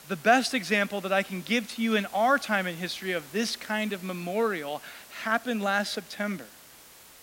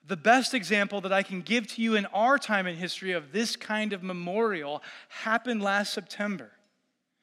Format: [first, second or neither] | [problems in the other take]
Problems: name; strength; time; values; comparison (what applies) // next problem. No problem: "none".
second | hiss; noticeable; throughout; 20 dB below the speech